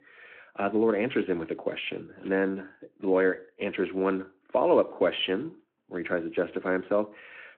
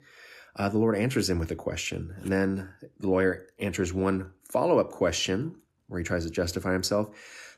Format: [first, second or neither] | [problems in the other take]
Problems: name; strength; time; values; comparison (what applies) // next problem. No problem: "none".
second | phone-call audio